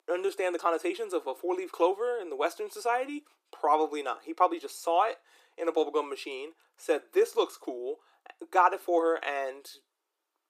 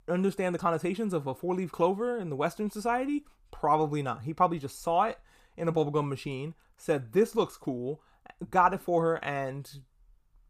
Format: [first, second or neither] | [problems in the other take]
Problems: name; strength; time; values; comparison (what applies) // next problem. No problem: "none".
second | thin; very; fading below 300 Hz